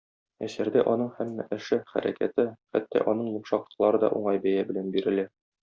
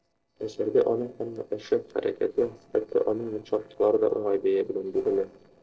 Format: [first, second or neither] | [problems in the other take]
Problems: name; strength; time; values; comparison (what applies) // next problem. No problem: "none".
first | noise reduction (neural separator model SepFormer DNS4)